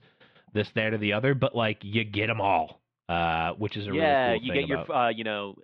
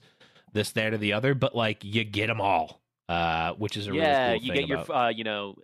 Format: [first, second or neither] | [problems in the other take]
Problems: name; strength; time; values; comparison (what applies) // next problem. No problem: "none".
second | muffled; slightly; fading above 3.5 kHz